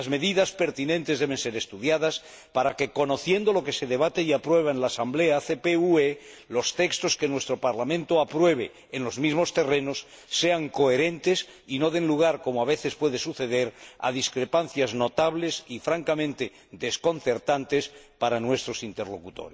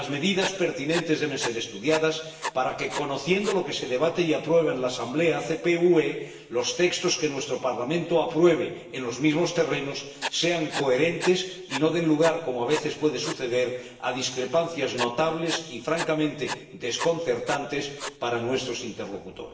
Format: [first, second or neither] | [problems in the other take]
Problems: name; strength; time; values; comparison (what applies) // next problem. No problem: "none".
first | background sound (Writing); 12 dB below the speech // room echo; dies away in 1.1 s